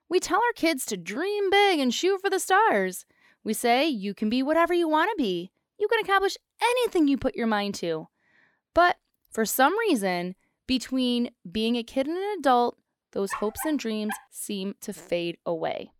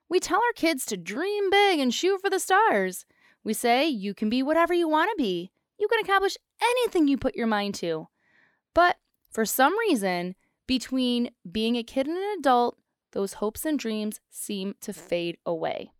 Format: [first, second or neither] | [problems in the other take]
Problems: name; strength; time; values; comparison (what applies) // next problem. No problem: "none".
second | dog barking; faint; at 13 s; peak 10 dB below the speech